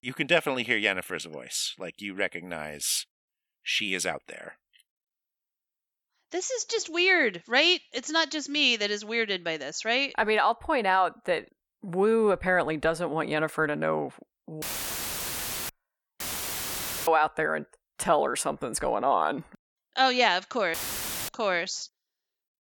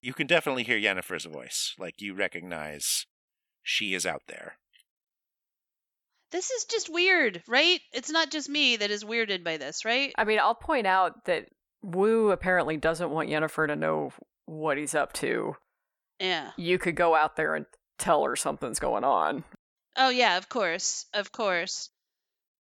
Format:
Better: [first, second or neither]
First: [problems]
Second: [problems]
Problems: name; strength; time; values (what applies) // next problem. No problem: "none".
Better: second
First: audio cutting out; filled with static; at 15 s for 1 s, at 16 s for 1 s and at 21 s for 0.5 s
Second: none